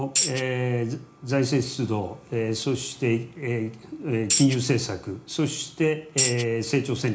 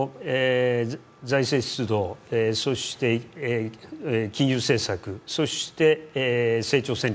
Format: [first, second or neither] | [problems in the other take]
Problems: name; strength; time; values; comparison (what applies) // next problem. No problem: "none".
second | background sound (Tambourine); 2 dB below the speech // room echo; dies away in 0.4 s